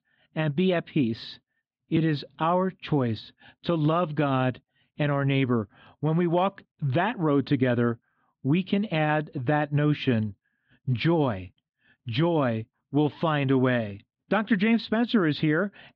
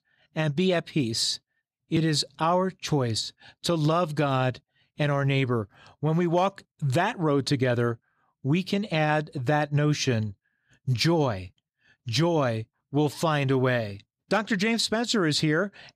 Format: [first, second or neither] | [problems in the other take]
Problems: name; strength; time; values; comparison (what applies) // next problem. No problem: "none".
second | muffled; very; fading above 3.5 kHz